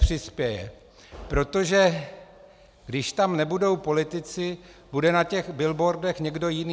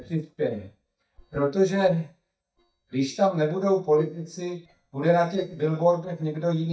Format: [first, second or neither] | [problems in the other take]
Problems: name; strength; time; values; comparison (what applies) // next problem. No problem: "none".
first | noise reduction (neural mask model DeepFilterNet 3)